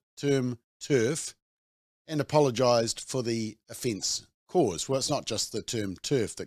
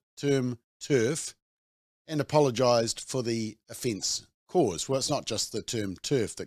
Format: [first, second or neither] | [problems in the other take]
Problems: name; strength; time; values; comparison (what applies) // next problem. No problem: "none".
neither | none